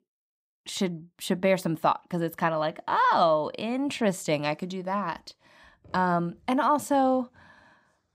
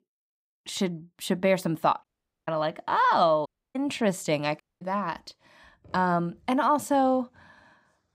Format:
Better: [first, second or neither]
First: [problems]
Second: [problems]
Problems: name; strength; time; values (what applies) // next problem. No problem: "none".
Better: first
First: none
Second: audio cutting out; at 2 s, at 3.5 s and at 4.5 s